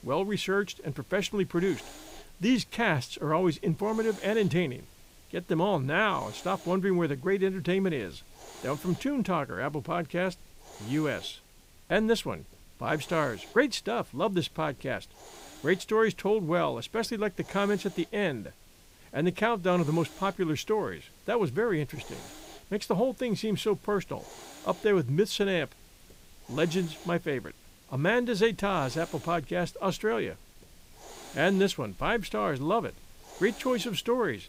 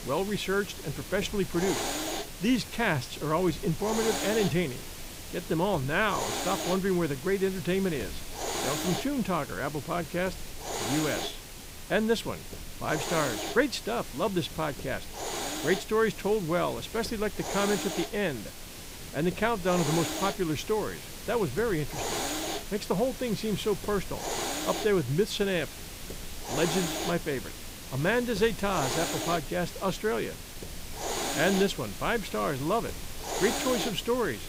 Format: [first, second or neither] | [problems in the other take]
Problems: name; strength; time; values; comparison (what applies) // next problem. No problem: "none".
first | hiss; loud; throughout; 6 dB below the speech; faint in the first